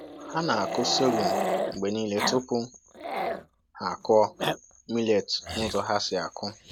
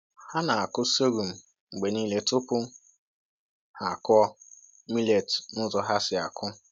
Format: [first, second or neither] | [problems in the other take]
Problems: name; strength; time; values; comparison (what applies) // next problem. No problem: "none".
second | background sound (Growling); 5 dB below the speech